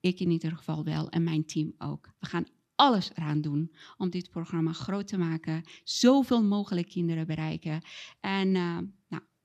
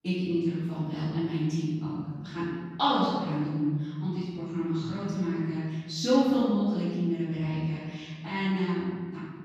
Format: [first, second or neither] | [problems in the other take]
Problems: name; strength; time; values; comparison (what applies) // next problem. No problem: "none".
first | off-mic speech; far // room echo; strong; dies away in 1.5 s